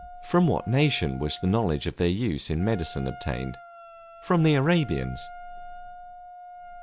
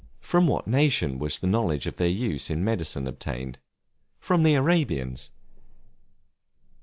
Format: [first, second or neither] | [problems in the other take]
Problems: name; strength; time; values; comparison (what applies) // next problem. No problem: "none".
second | background sound (Wind instrument, woodwind instrument); 17 dB below the speech